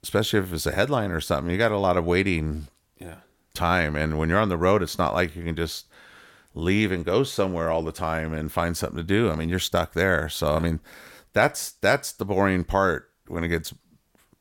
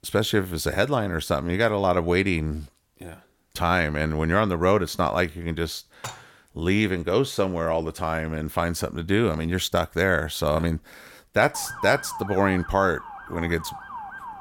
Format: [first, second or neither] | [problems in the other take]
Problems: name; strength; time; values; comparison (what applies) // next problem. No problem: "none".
first | clattering dishes; faint; at 6 s; peak 15 dB below the speech // siren; noticeable; from 12 s on; peak 9 dB below the speech